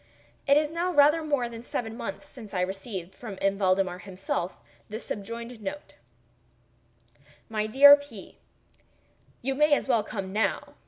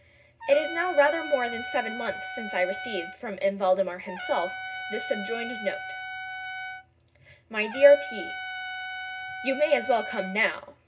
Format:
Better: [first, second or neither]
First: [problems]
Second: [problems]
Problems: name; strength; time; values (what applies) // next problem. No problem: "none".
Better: first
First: none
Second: background sound (Trumpet); 9 dB below the speech // room echo; dies away in 0.2 s